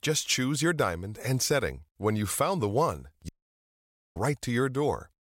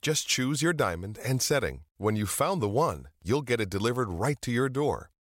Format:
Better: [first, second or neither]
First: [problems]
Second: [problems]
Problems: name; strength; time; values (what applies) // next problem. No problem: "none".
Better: second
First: audio cutting out; at 3.5 s for 1 s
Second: none